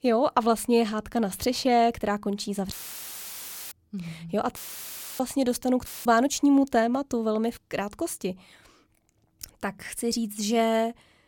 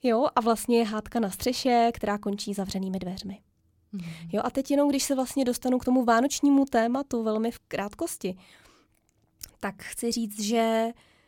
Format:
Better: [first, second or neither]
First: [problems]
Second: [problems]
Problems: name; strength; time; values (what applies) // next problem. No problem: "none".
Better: second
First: audio cutting out; filled with static; at 2.5 s for 1 s, at 4.5 s for 0.5 s and at 6 s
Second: none